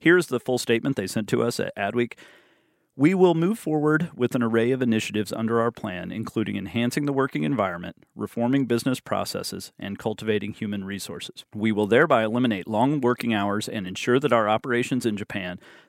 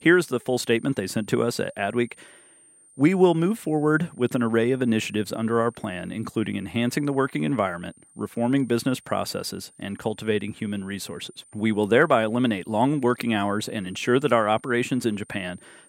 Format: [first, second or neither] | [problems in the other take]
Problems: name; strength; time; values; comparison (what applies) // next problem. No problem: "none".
first | high-pitched whine; faint; throughout; 9 kHz, 30 dB below the speech